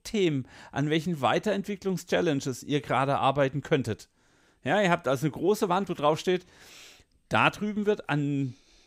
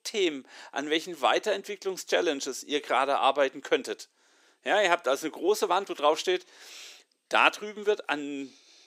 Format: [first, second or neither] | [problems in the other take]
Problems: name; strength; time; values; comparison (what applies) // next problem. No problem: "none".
first | thin; somewhat; fading below 350 Hz